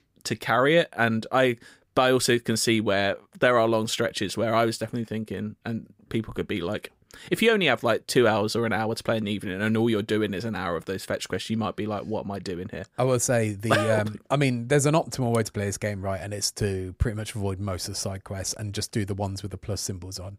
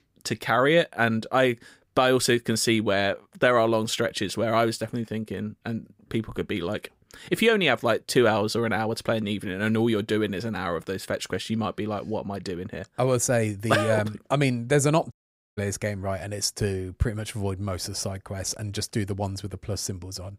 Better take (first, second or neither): first